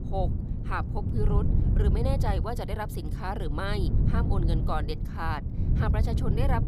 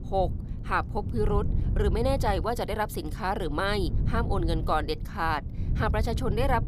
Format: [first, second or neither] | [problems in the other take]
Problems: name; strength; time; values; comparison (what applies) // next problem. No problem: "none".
second | wind noise on the microphone; heavy; 6 dB below the speech; occasional gusts in the second